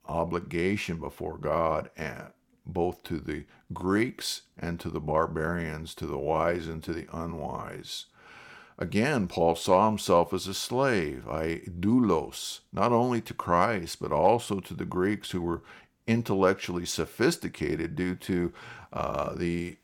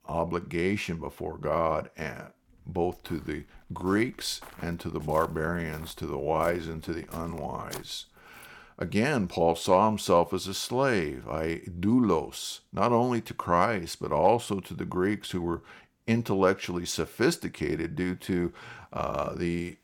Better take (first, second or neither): first